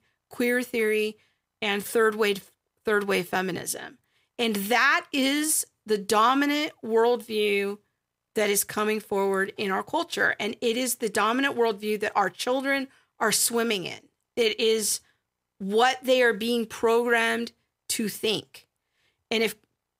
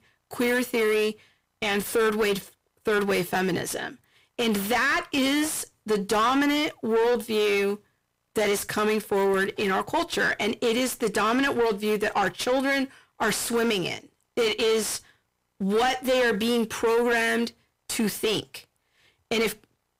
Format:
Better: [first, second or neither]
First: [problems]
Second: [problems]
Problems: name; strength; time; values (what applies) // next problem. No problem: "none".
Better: first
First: none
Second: distortion; heavy; 8 dB below the speech